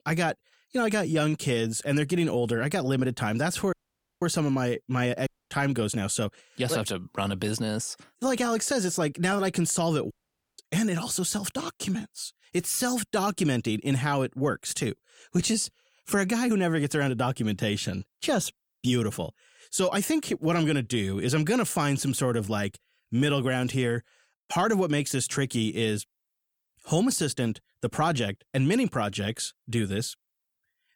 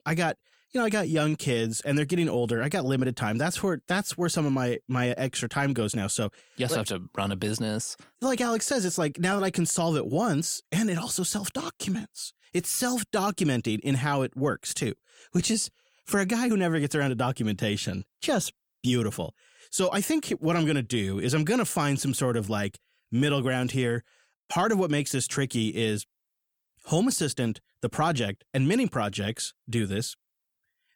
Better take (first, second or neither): second